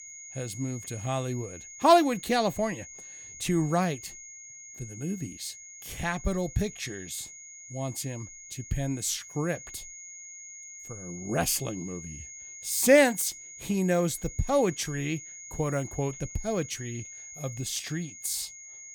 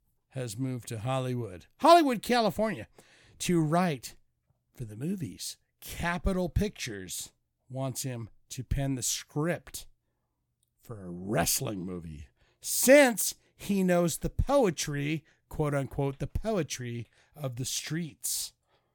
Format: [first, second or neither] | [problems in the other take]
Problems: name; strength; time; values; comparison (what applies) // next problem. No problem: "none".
second | high-pitched whine; noticeable; throughout; 6.5 kHz, 15 dB below the speech